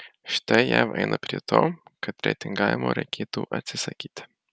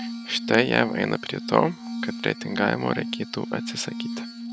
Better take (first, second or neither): first